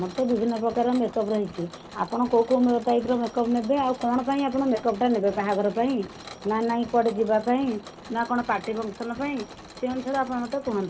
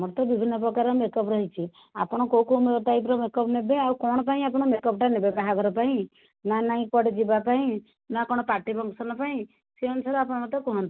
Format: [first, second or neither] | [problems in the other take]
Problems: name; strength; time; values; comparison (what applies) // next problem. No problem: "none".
second | background sound (Mechanisms); 18 dB below the speech // room echo; dies away in 1.6 s